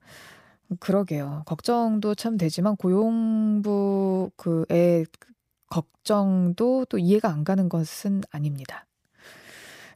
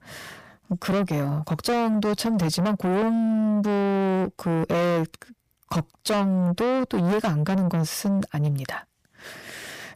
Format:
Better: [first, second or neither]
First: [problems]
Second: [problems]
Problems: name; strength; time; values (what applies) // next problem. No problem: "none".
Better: first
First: none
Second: distortion; heavy; 7 dB below the speech